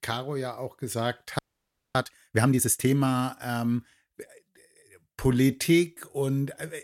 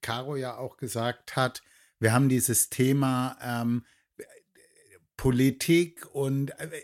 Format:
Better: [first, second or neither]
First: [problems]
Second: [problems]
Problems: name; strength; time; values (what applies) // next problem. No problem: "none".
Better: second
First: audio freezing; at 1.5 s for 0.5 s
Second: none